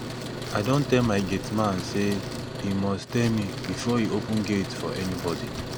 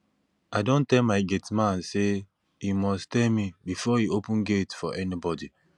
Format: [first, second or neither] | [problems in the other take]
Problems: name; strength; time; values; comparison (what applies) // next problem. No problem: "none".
second | background sound (Truck); 6 dB below the speech